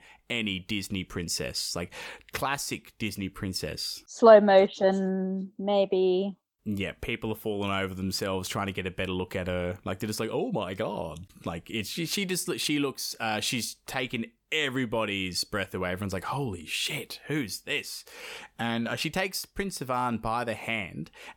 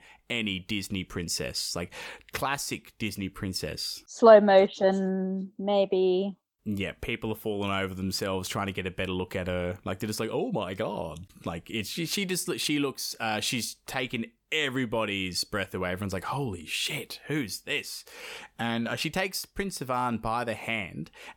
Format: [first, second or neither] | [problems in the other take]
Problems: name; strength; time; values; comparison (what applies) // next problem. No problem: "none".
neither | none